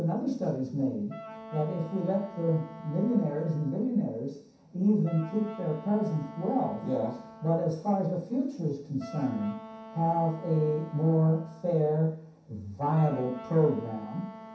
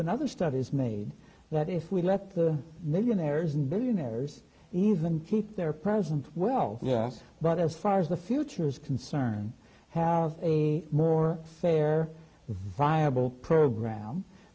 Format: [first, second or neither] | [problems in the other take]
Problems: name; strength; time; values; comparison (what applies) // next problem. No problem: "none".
second | background sound (Wind instrument, woodwind instrument); 18 dB below the speech // room echo; dies away in 0.7 s